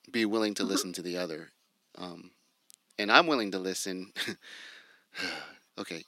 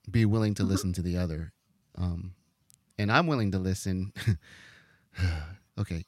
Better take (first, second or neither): second